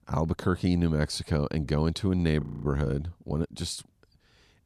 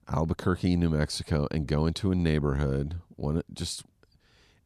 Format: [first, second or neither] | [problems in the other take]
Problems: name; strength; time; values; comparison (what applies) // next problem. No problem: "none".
second | audio freezing; at 2.5 s